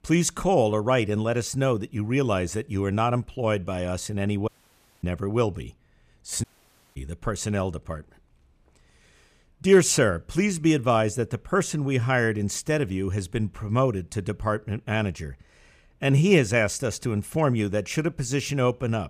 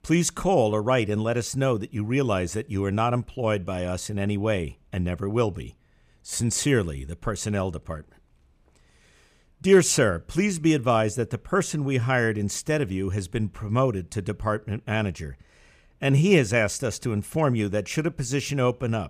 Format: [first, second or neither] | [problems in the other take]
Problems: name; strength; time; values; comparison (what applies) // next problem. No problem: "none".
second | audio cutting out; at 4.5 s for 0.5 s and at 6.5 s for 0.5 s